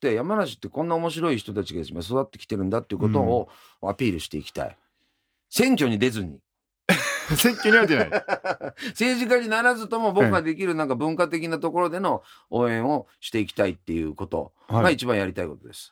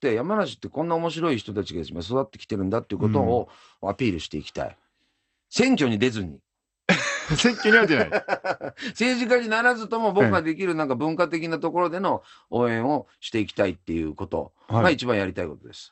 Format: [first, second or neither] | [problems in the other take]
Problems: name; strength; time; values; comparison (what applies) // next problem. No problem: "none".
first | garbled, watery; slightly; nothing above 8 kHz